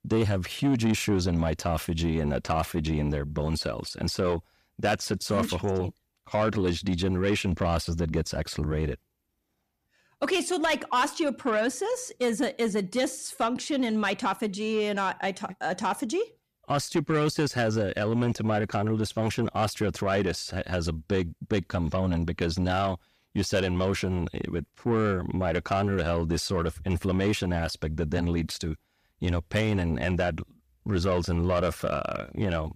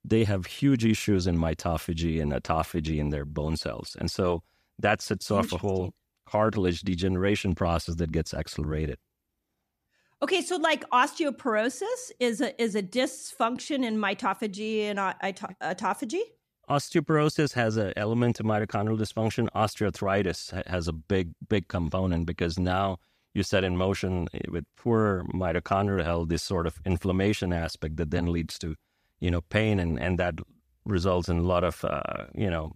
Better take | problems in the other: second | distortion; slight; 10 dB below the speech

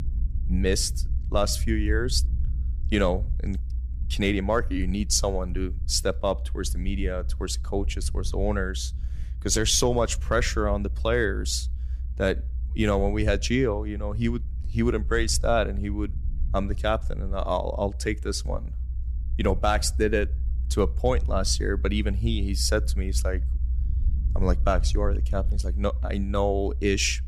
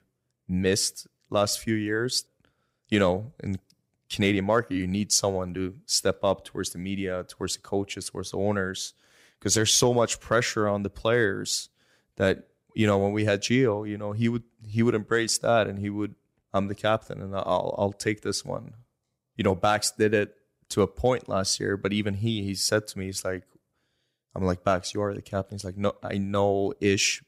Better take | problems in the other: second | low rumble; faint; throughout; 20 dB below the speech

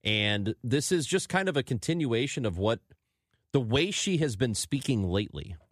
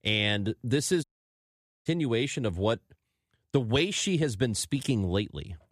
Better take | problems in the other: first | audio cutting out; at 1 s for 1 s

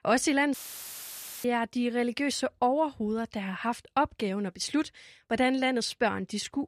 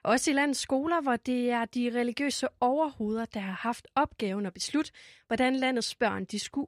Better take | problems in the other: second | audio cutting out; filled with static; at 0.5 s for 1 s

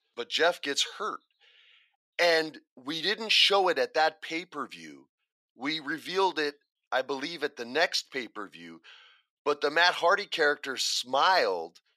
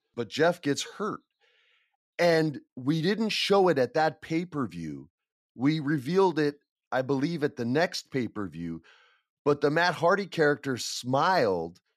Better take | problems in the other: second | thin; somewhat; fading below 550 Hz

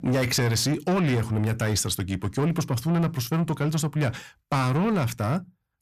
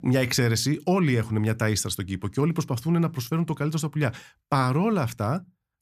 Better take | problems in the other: second | distortion; slight; 10 dB below the speech

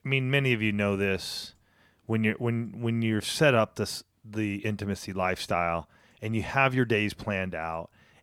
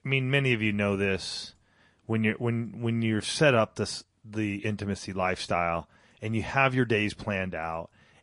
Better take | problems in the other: first | garbled, watery; slightly; nothing above 10.5 kHz

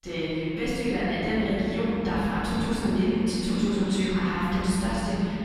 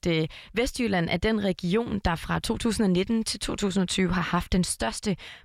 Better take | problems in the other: second | off-mic speech; far // room echo; strong; dies away in 3 s

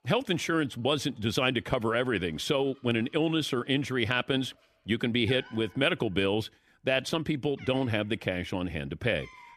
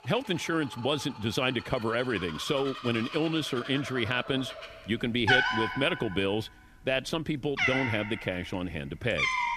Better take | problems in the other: first | animal sounds; loud; throughout; 2 dB below the speech; faint in the first

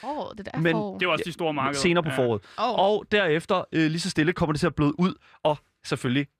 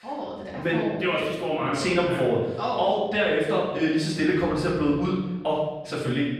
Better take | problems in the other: first | off-mic speech; far // room echo; noticeable; dies away in 0.9 s

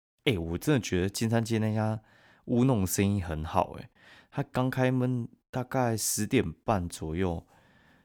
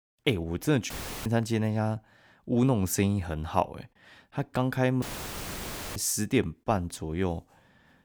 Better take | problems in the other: first | audio cutting out; filled with static; at 1 s and at 5 s for 1 s

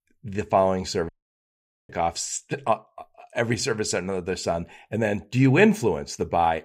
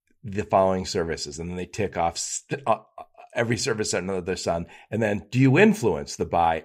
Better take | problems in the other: second | audio cutting out; at 1 s for 1 s

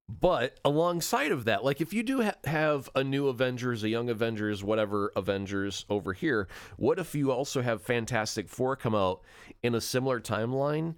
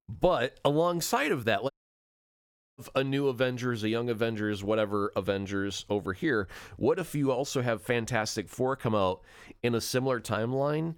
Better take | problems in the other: first | audio cutting out; at 1.5 s for 1 s

